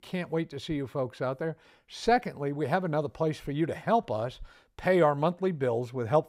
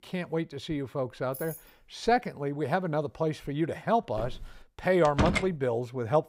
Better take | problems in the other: first | jangling keys; faint; at 1 s; peak 10 dB below the speech // footsteps; faint; at 4 s; peak 15 dB below the speech // door banging; loud; at 5 s; peak 2 dB above the speech

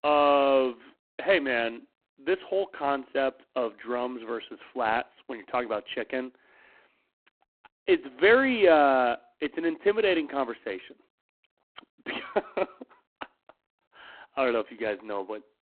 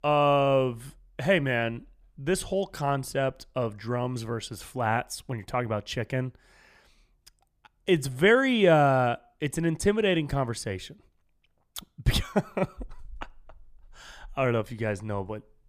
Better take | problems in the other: second | phone-call audio; poor line

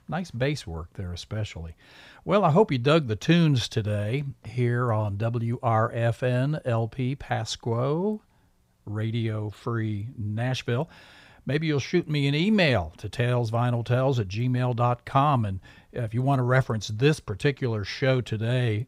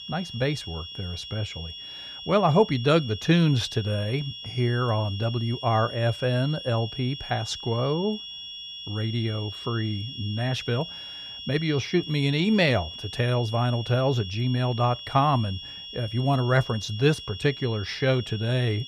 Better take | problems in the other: first | high-pitched whine; noticeable; throughout; 3.5 kHz, 10 dB below the speech

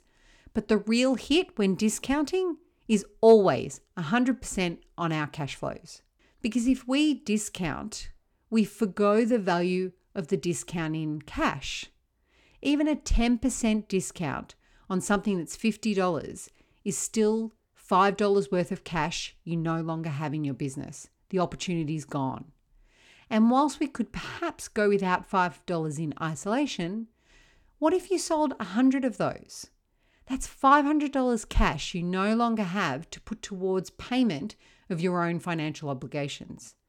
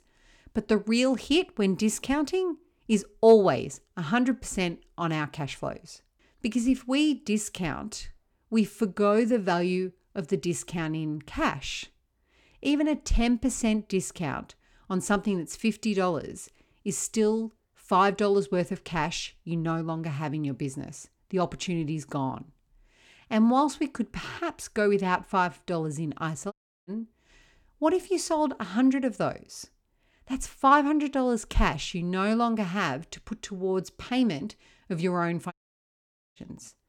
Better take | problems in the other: first | audio cutting out; at 27 s and at 36 s for 1 s

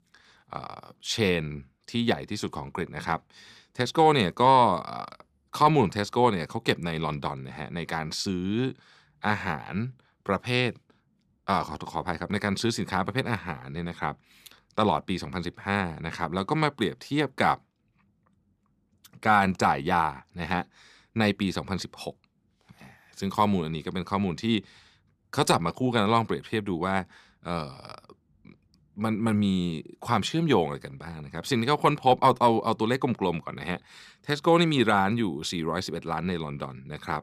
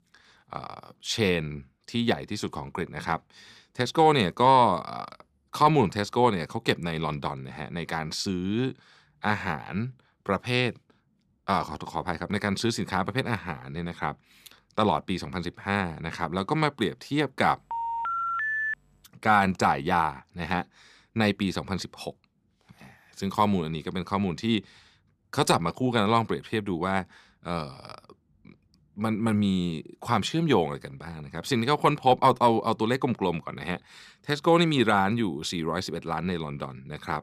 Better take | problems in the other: first | phone ringing; loud; from 18 to 19 s; peak level with the speech

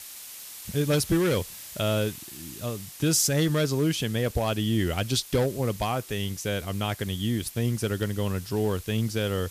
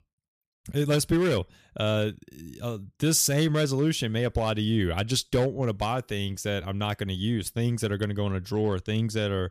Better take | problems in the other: second | hiss; noticeable; throughout; 15 dB below the speech

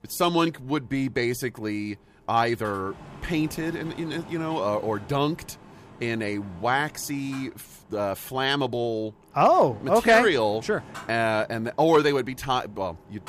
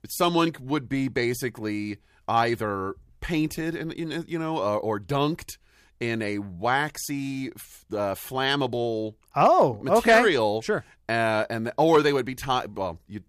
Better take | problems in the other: second | machinery noise; faint; throughout; 20 dB below the speech

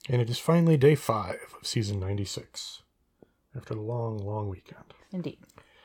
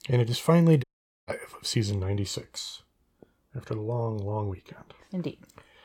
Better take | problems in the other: first | audio cutting out; at 1 s

